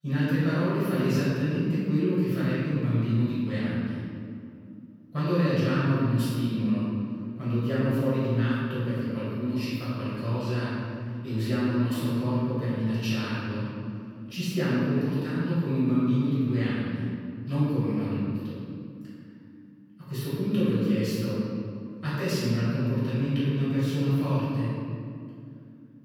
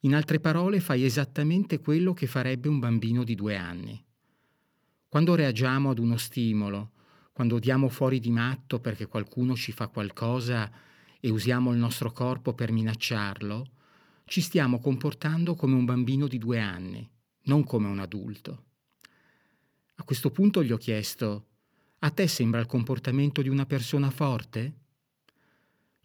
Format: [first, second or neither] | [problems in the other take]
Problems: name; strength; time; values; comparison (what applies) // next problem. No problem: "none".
second | off-mic speech; far // room echo; strong; dies away in 2.4 s